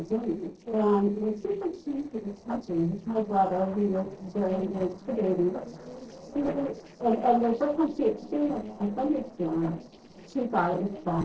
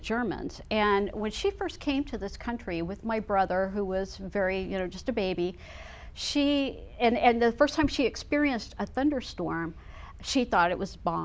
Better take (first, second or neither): second